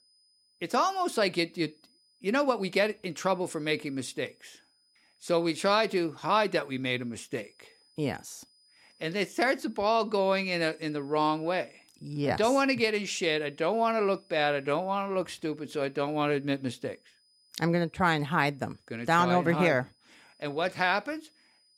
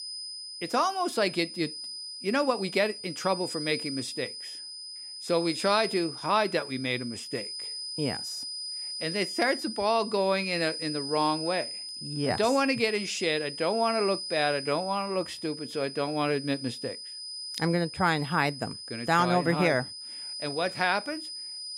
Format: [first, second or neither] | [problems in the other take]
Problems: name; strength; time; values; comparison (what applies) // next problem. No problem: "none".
first | high-pitched whine; loud; throughout; 5 kHz, 8 dB below the speech; faint in the first